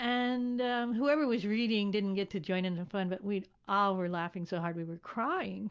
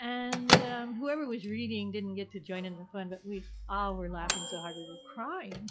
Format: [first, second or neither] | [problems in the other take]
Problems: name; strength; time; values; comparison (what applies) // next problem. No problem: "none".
first | noise reduction (classical method log-MMSE)